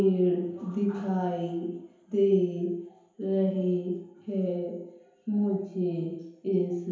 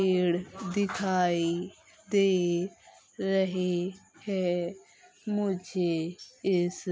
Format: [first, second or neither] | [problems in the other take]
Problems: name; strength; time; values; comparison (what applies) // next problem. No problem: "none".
second | room echo; dies away in 0.9 s